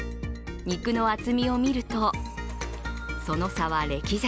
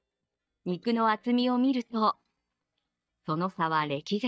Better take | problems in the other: first | noise reduction (neural mask model DeepFilterNet 3)

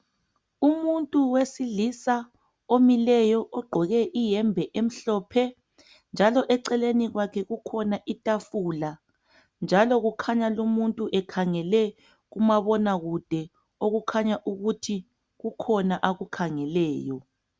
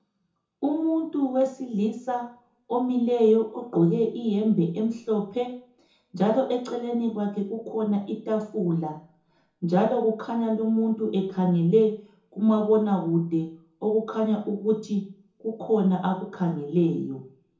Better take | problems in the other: first | room echo; dies away in 0.6 s

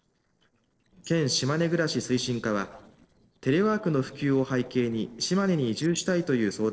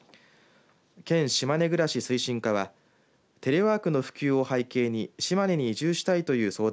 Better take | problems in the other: second | noise reduction (neural separator model SepFormer DNS4)

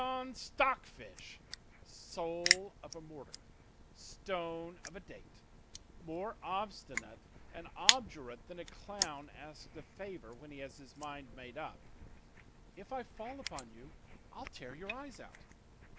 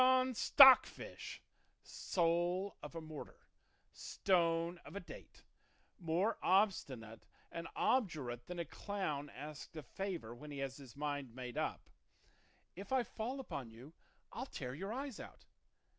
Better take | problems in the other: second | background sound (Crushing); 1 dB above the speech

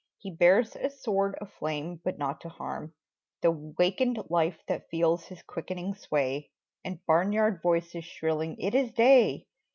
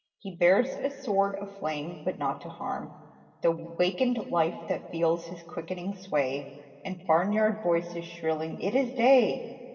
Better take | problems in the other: first | room echo; dies away in 2 s

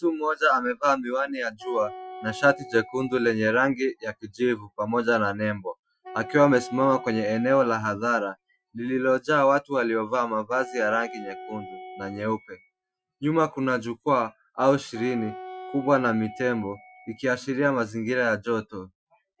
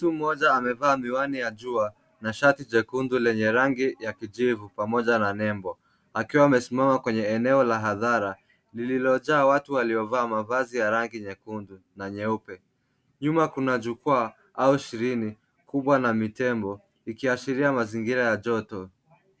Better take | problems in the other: second | noise reduction (classical method Wiener filter)

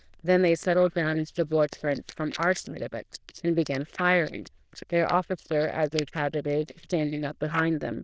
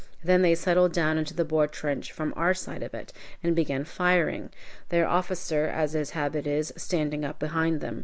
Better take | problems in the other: second | noise reduction (neural diffusion model UNIVERSE++)

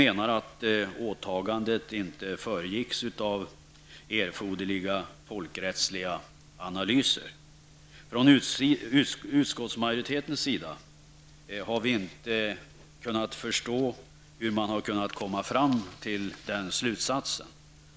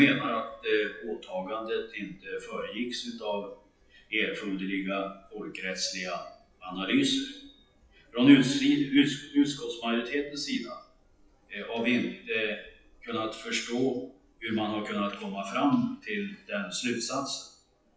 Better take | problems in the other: first | noise reduction (classical method WPE with log-MMSE)

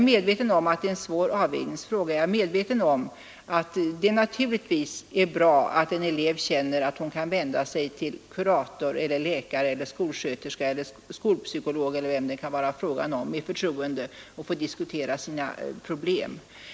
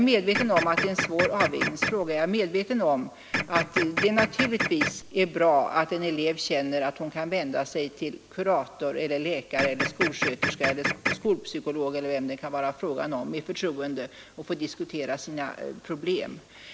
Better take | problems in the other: first | background sound (Printer); 2 dB below the speech

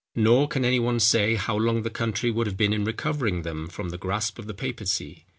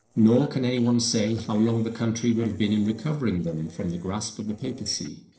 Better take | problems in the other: first | noise reduction (neural separator model SepFormer DNS4)

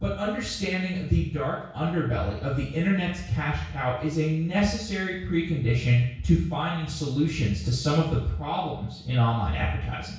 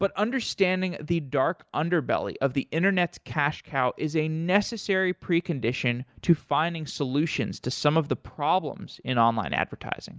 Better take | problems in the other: second | room echo; dies away in 0.6 s

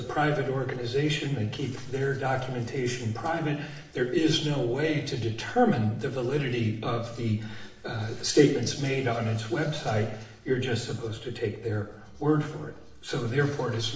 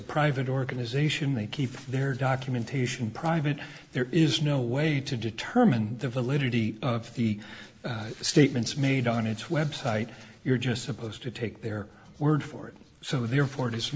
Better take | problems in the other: second | room echo; dies away in 0.7 s

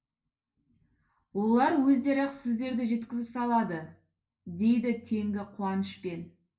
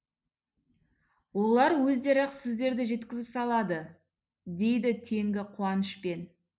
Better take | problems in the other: second | room echo; dies away in 0.2 s

